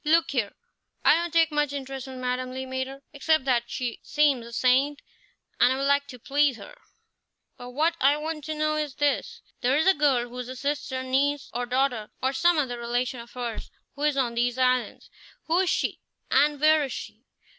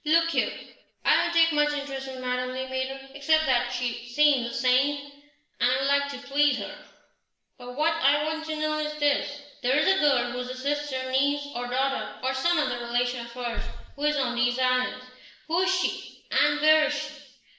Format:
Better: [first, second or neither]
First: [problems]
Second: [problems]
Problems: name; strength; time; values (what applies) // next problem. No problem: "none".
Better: first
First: none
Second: room echo; dies away in 0.9 s